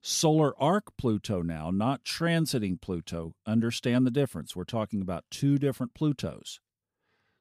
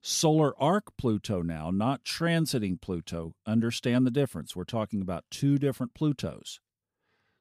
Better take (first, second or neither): neither